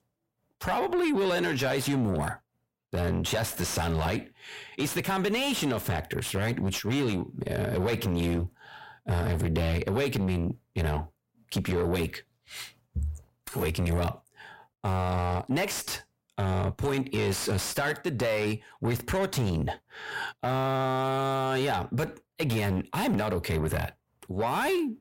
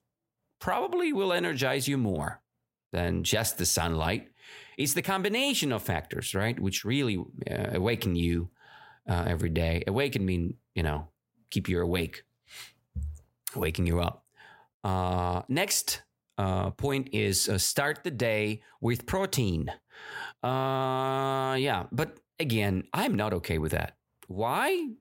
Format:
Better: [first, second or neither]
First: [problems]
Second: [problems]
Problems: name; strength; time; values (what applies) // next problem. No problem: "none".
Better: second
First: distortion; heavy; 7 dB below the speech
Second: none